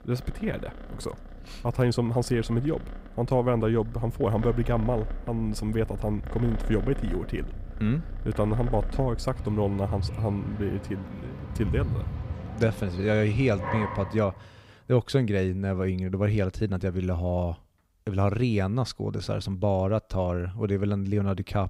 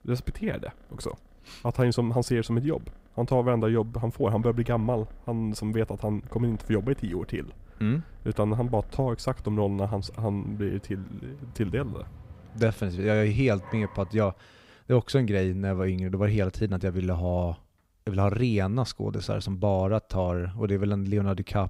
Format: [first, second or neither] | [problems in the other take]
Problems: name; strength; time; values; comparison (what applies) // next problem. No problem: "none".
second | animal sounds; loud; until 14 s; 10 dB below the speech; faint in the second